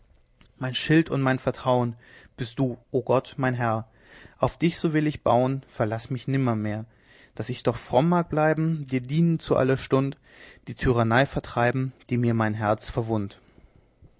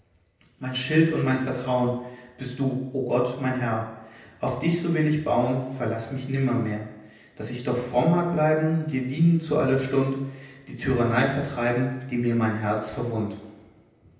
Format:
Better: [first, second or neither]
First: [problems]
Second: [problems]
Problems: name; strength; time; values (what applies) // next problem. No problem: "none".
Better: first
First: none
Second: room echo; dies away in 0.9 s